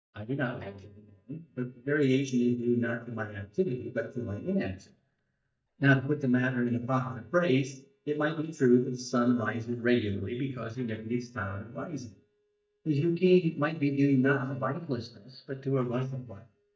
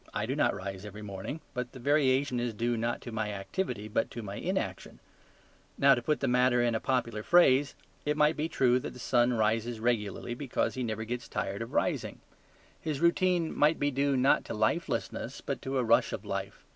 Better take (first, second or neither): second